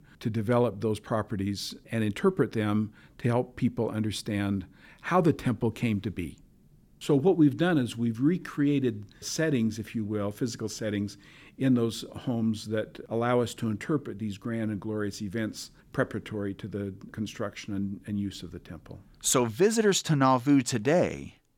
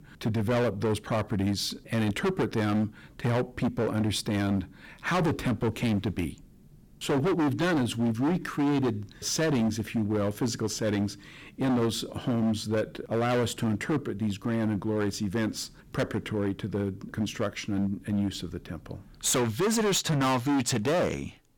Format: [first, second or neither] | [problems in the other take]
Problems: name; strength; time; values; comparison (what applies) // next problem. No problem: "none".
first | distortion; heavy; 17% of the sound clipped